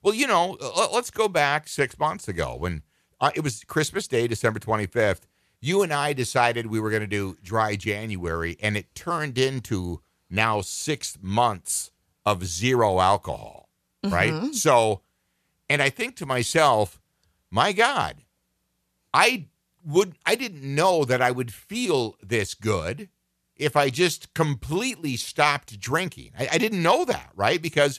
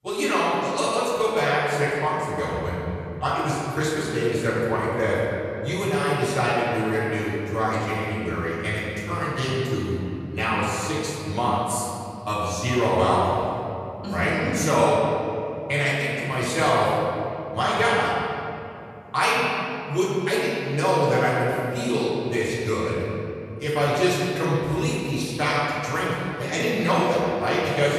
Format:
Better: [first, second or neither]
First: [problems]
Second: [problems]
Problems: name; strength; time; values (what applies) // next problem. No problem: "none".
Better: first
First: none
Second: off-mic speech; far // room echo; strong; dies away in 2.6 s